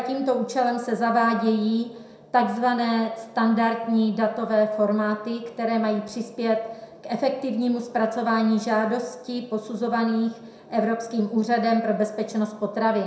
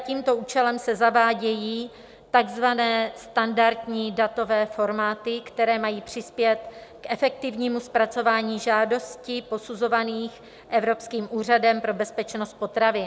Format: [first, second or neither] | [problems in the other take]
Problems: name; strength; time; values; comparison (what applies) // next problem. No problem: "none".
second | room echo; dies away in 0.6 s